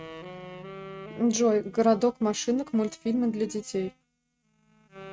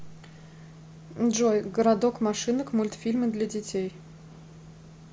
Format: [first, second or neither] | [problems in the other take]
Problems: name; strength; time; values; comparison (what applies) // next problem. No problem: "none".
second | noise reduction (neural mask model RNNoise)